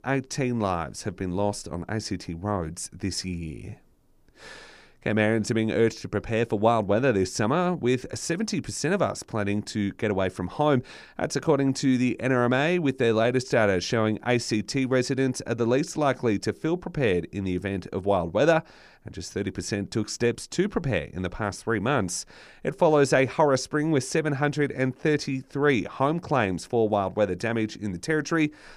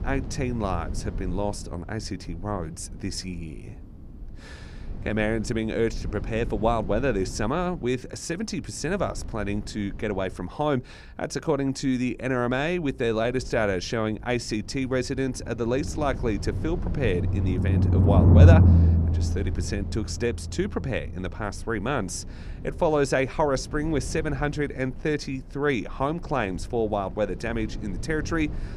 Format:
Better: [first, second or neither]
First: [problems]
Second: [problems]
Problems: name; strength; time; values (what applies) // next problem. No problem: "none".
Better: first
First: none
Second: low rumble; loud; throughout; 9 dB below the speech